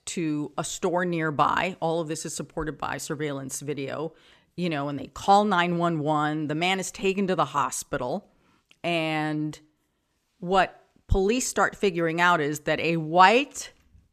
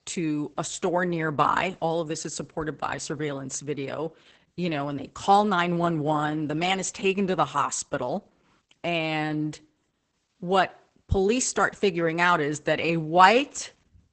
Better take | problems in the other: first | garbled, watery; badly; nothing above 8 kHz

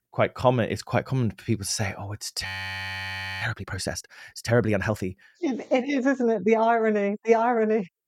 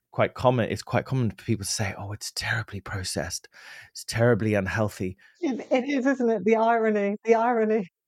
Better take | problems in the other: second | audio freezing; at 2.5 s for 1 s

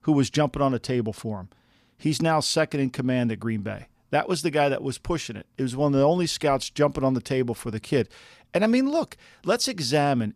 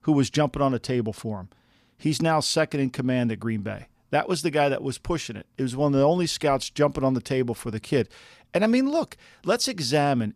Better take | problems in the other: neither | none

